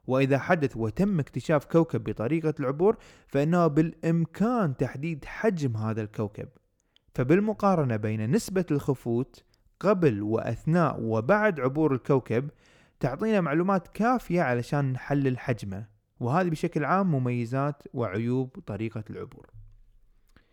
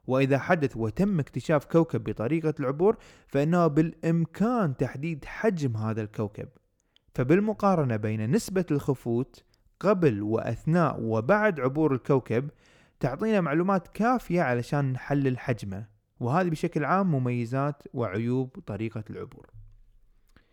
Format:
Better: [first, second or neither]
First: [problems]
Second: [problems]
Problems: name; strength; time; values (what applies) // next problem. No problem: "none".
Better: neither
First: none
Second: none